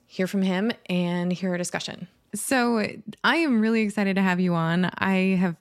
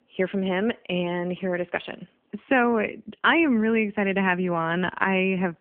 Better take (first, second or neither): first